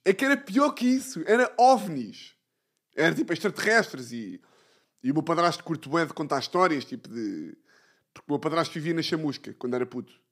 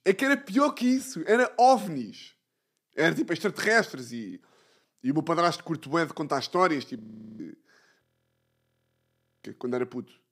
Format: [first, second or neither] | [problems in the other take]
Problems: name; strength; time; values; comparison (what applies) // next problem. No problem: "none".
first | audio freezing; at 7 s and at 8 s for 1.5 s